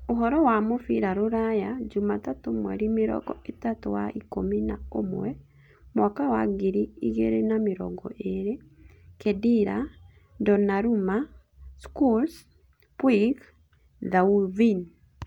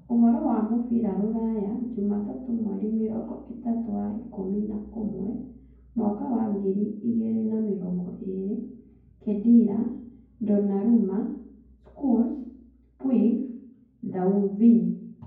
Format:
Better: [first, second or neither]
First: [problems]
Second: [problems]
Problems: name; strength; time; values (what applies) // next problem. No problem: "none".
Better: first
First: none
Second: room echo; dies away in 0.9 s